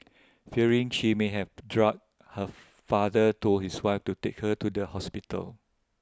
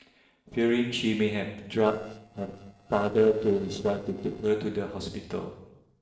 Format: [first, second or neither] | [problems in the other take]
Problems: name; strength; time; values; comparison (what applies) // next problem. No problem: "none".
first | noise reduction (neural separator model SepFormer DNS4)